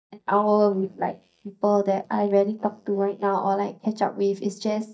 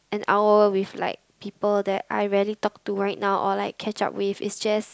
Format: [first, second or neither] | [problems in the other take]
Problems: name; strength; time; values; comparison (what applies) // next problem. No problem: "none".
second | noise reduction (neural mask model DeepFilterNet 3)